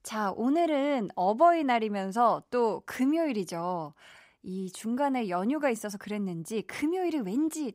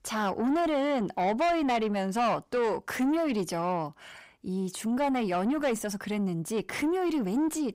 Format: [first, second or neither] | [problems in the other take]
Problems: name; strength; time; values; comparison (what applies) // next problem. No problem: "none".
first | distortion; heavy; 7 dB below the speech